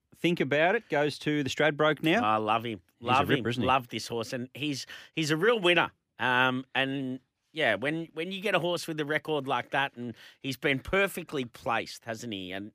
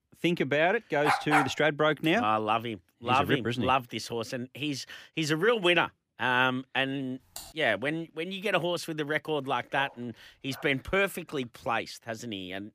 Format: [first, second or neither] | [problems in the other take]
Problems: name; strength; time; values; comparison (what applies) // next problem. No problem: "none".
first | dog barking; loud; at 1 s; peak 3 dB above the speech // keyboard typing; faint; at 7.5 s; peak 15 dB below the speech // dog barking; faint; at 9.5 s; peak 15 dB below the speech